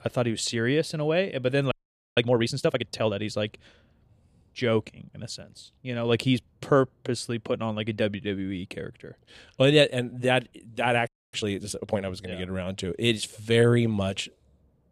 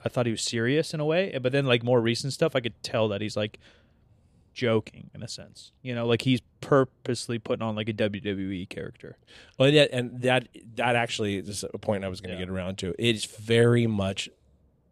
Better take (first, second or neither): second